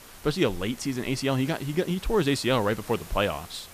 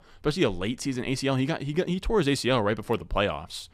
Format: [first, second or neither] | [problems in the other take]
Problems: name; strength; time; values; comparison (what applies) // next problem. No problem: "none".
second | hiss; noticeable; throughout; 20 dB below the speech